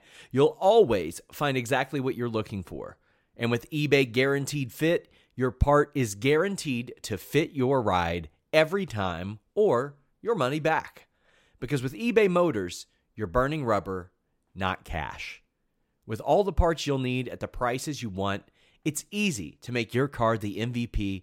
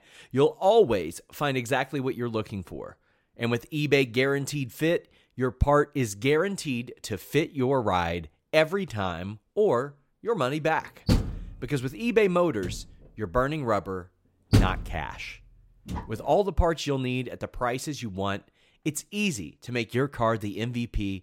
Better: first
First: none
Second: door banging; loud; from 11 to 16 s; peak 3 dB above the speech

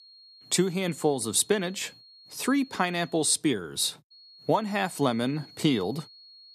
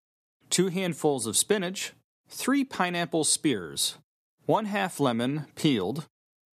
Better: second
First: high-pitched whine; faint; until 3 s and from 4 s on; 4.5 kHz, 25 dB below the speech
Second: none

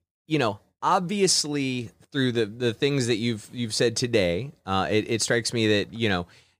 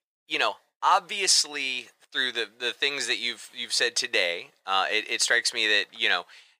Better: first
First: none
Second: thin; very; fading below 850 Hz

